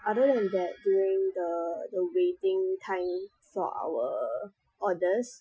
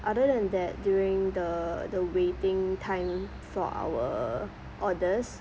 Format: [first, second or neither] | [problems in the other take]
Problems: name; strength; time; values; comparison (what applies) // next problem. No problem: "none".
second | noise reduction (classical method Wiener filter)